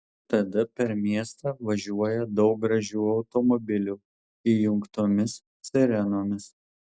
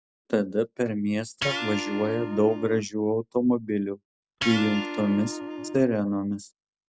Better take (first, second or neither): first